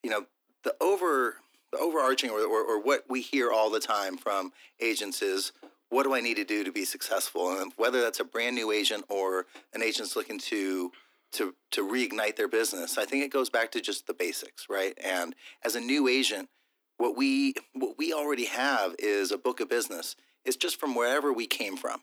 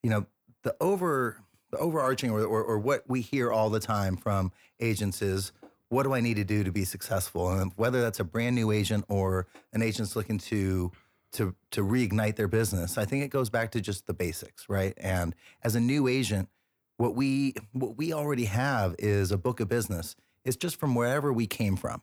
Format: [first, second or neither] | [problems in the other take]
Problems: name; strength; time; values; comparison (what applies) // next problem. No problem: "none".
second | thin; somewhat; fading below 250 Hz